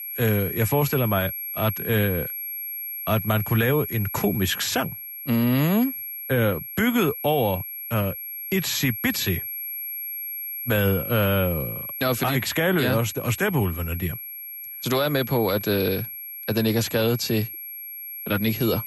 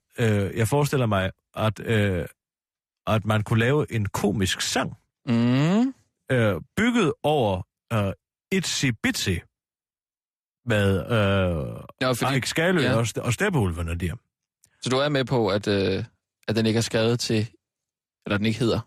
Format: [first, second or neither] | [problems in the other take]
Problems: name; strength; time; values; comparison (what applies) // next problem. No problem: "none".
second | high-pitched whine; loud; throughout; 11.5 kHz, 7 dB below the speech